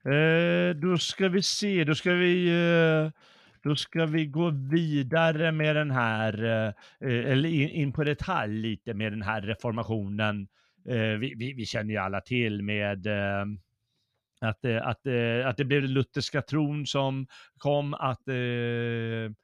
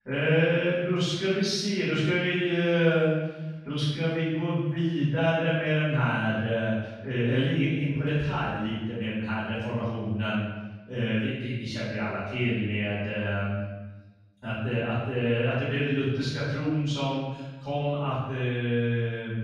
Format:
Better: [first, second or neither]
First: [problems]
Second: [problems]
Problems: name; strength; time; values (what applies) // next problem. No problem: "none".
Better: first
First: none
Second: off-mic speech; far // room echo; strong; dies away in 1 s